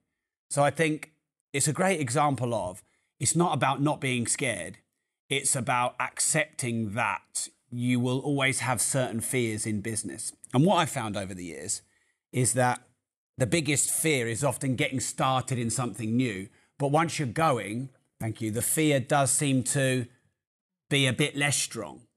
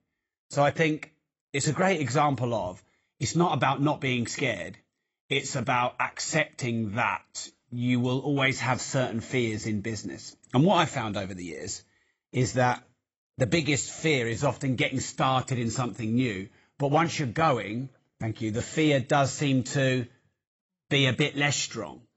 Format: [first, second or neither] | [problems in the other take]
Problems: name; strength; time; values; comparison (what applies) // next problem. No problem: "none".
first | garbled, watery; badly; nothing above 8 kHz